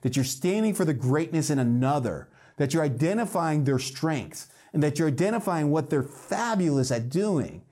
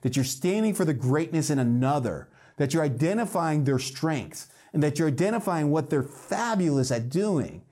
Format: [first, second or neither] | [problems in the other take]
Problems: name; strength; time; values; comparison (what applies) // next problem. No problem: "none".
neither | none